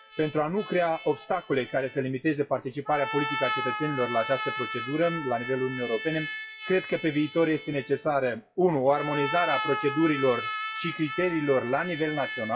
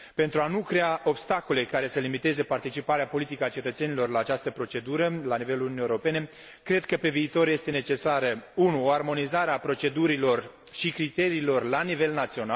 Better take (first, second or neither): second